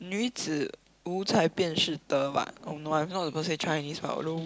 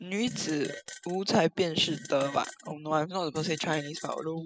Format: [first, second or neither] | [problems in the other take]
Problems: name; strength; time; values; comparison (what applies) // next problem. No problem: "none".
first | noise reduction (classical method spectral subtraction)